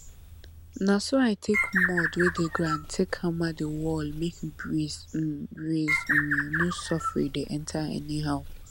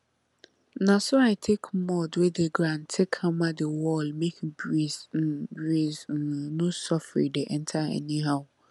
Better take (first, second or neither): second